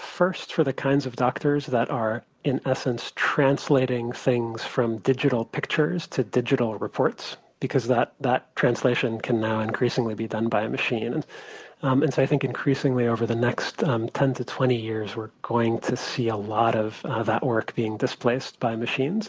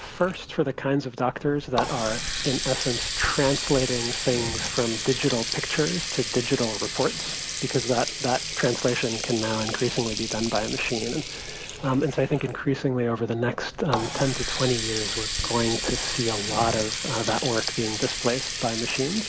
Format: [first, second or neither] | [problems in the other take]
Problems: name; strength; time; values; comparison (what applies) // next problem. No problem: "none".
first | background sound (Water tap, faucet); 5 dB below the speech